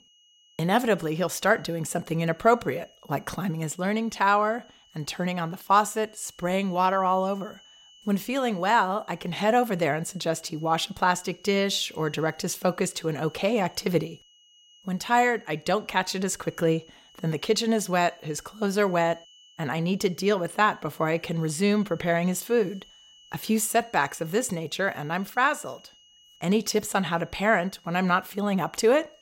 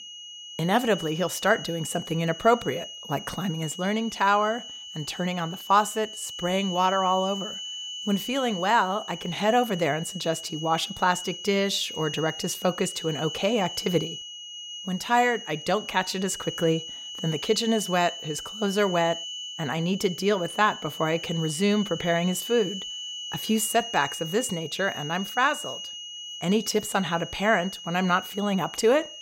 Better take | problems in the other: first | high-pitched whine; loud; throughout; 3 kHz, 9 dB below the speech; faint in the first

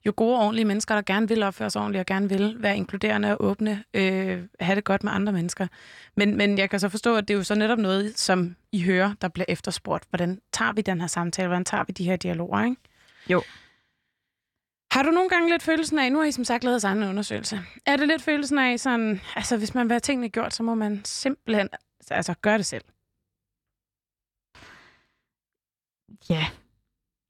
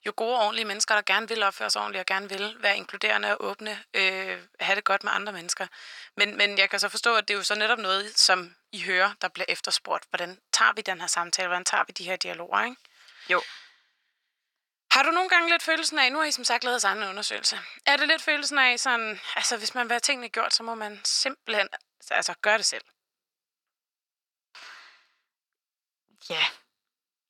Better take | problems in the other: first | thin; very; fading below 700 Hz

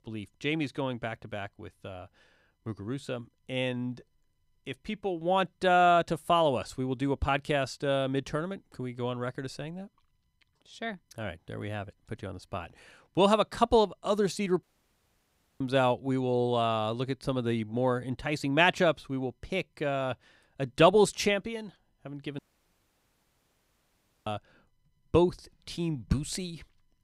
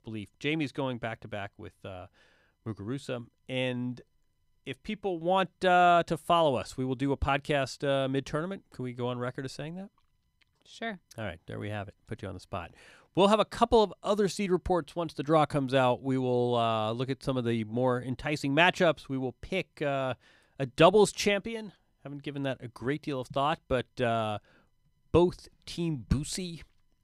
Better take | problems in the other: second | audio cutting out; at 15 s for 1 s and at 22 s for 2 s

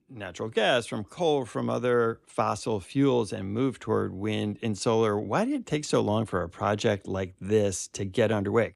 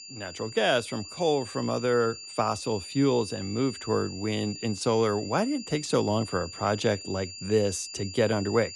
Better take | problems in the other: first | high-pitched whine; noticeable; throughout; 4.5 kHz, 10 dB below the speech

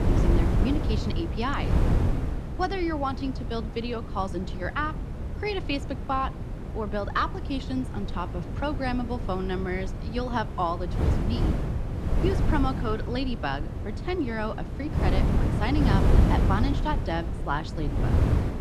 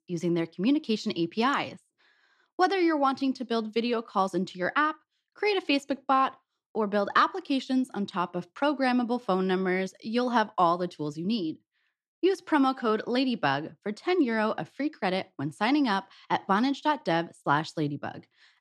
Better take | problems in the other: second | wind noise on the microphone; heavy; 6 dB below the speech

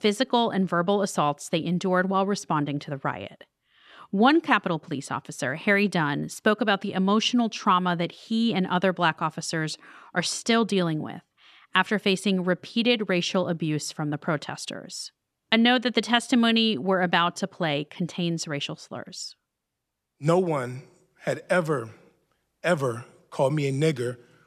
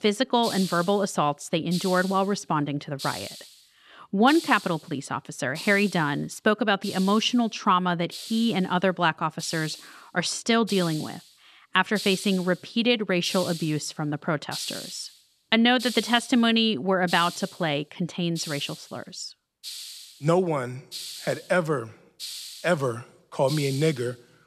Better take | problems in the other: first | hiss; noticeable; throughout; 10 dB below the speech

